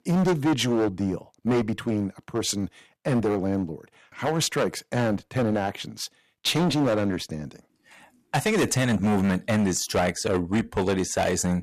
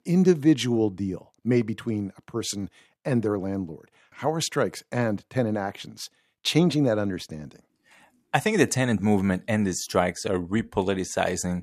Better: second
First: distortion; heavy; 13% of the sound clipped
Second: none

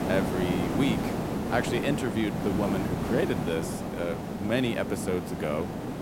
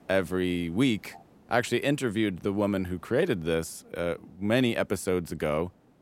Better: second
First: hiss; loud; throughout; 1 dB below the speech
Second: hiss; faint; throughout; 30 dB below the speech

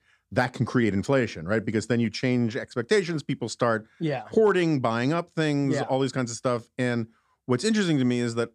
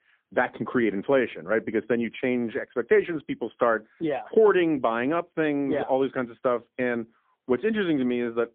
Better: first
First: none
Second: phone-call audio; poor line; nothing above 3.5 kHz

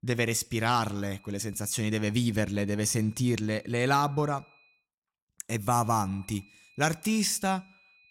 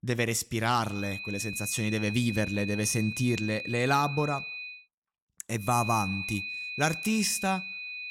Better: first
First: high-pitched whine; faint; from 1 to 4.5 s and from 5.5 s on; 2.5 kHz, 30 dB below the speech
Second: high-pitched whine; loud; from 1 to 4.5 s and from 5.5 s on; 2.5 kHz, 7 dB below the speech

